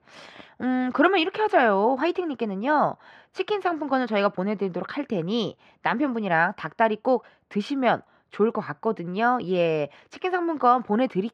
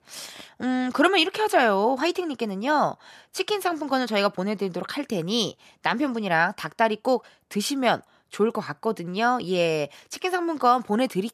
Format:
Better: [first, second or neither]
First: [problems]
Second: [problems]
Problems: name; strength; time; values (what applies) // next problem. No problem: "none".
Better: second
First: muffled; slightly; fading above 2.5 kHz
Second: none